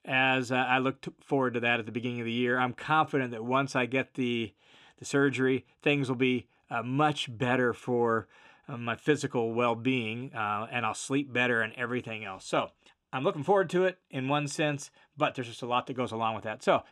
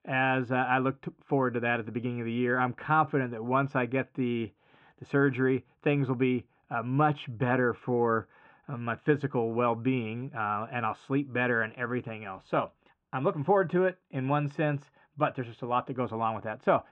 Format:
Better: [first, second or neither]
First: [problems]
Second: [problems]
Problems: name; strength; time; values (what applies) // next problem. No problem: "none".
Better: first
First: none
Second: muffled; very; fading above 1.5 kHz